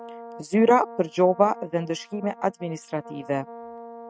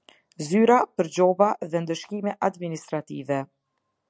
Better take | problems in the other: second | noise reduction (neural mask model RNNoise)

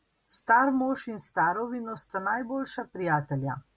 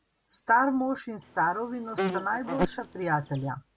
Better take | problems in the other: first | background sound (Insect); 5 dB below the speech

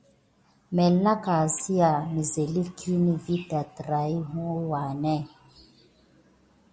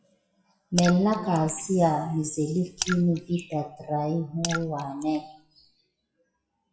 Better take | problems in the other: first | noise reduction (classical method WPE with log-MMSE)

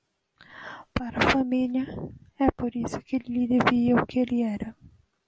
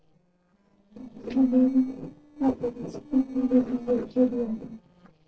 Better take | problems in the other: first | noise reduction (neural separator model SepFormer DNS4)

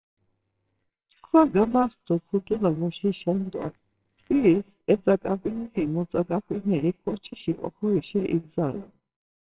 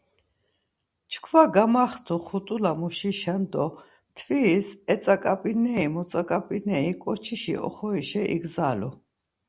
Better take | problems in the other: second | noise reduction (neural separator model SepFormer WHAMR!)

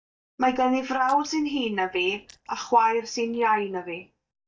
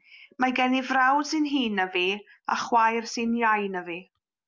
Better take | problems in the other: second | noise reduction (neural mask model DeepFilterNet 3)

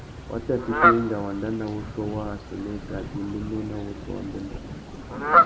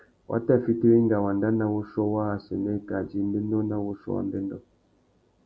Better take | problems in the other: second | background sound (Fowl); 4 dB above the speech

